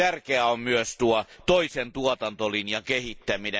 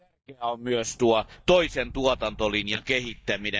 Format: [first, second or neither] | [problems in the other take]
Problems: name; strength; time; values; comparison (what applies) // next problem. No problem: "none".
first | noise reduction (neural mask model DeepFilterNet 3)